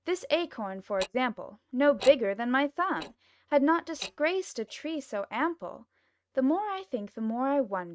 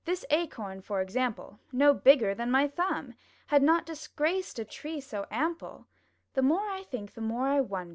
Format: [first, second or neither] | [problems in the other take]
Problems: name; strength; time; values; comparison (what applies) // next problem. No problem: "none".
second | noise reduction (neural mask model RNNoise)